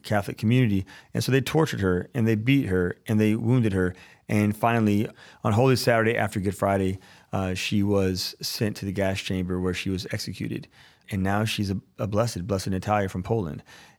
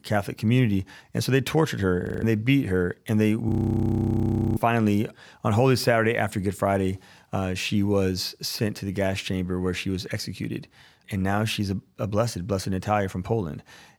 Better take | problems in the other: first | audio freezing; at 2 s and at 3.5 s for 1 s

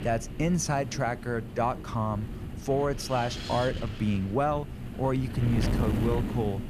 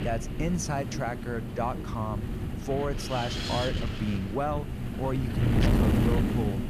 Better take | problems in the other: first | wind noise on the microphone; heavy; 2 dB below the speech; occasional gusts in the first

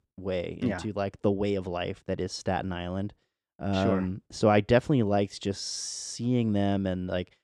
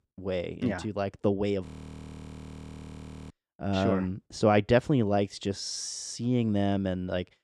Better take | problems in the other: first | audio freezing; at 1.5 s for 1.5 s

